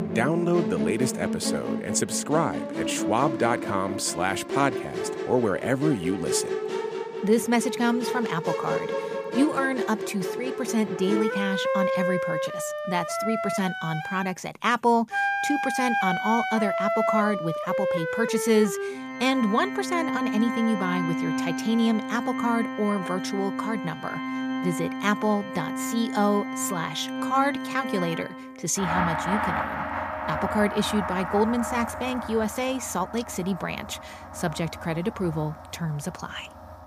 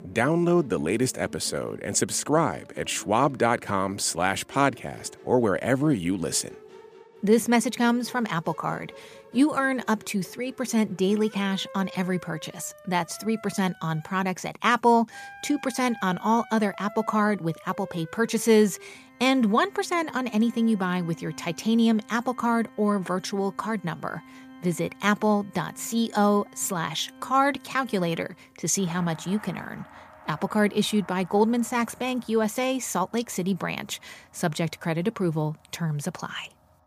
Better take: second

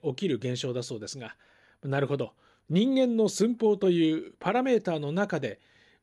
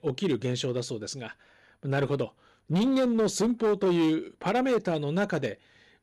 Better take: first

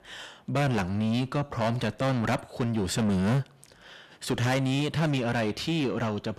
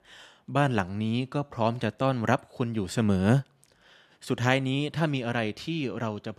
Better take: second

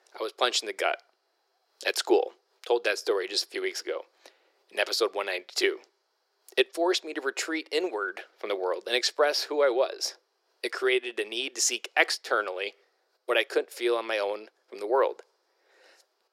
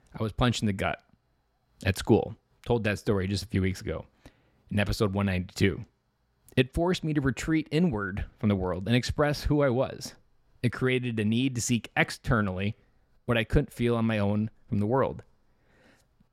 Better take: second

